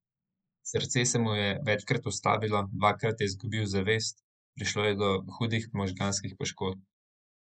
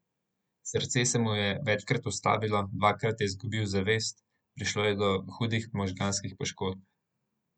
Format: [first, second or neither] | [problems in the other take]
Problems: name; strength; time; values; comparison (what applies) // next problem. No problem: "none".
second | noise reduction (neural mask model Resemble Enhance denoiser)